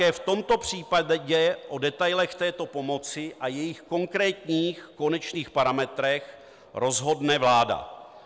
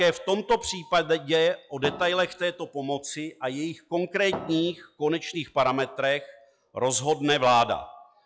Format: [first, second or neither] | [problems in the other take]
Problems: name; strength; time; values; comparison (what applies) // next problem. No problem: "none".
first | noise reduction (classical method log-MMSE)